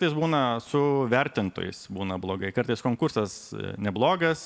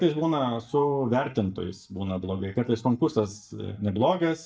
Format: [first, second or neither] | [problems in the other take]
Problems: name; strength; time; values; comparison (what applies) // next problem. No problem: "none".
first | noise reduction (neural mask model DeepFilterNet 3)